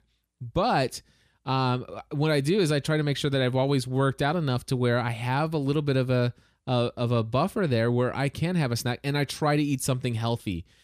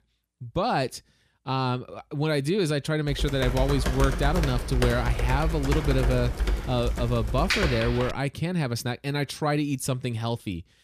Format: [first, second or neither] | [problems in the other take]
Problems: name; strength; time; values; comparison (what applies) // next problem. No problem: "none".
first | keyboard typing; loud; from 3 to 8 s; peak 2 dB above the speech